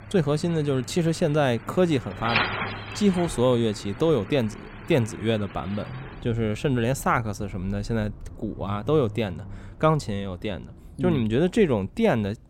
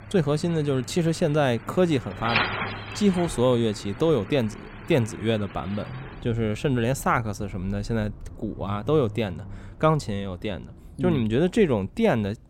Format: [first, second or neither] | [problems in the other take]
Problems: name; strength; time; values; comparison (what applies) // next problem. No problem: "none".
neither | traffic noise; noticeable; throughout; 10 dB below the speech; the same in both